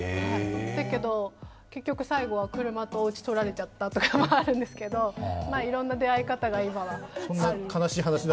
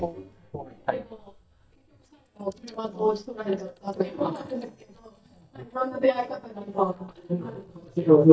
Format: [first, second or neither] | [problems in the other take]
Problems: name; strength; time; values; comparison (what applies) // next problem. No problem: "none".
first | noise reduction (neural mask model DeepFilterNet 3)